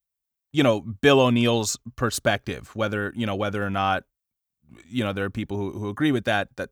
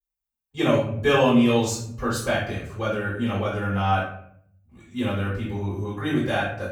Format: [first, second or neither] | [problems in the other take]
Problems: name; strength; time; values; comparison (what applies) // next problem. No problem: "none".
first | off-mic speech; far // room echo; noticeable; dies away in 0.6 s